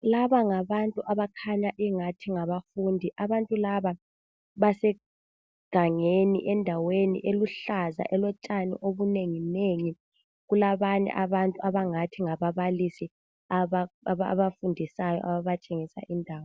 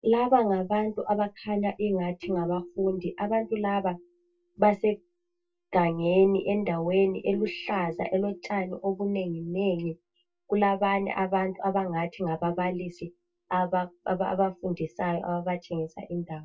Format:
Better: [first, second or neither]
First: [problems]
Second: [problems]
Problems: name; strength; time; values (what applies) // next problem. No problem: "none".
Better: first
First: none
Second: noise reduction (neural mask model DeepFilterNet 3)